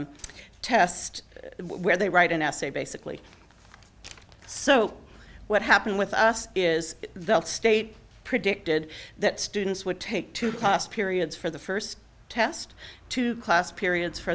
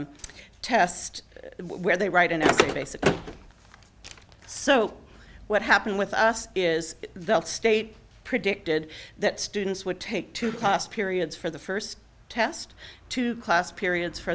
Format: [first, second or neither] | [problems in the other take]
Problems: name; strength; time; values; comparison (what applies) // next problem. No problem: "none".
first | background sound (Car); 2 dB above the speech